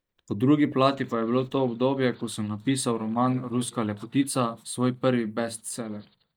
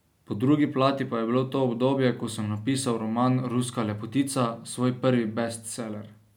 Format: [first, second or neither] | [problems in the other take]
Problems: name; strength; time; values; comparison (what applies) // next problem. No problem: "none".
second | noise reduction (neural mask model DeepFilterNet 3)